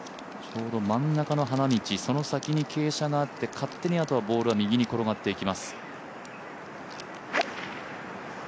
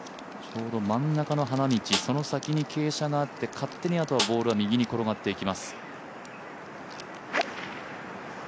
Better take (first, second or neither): first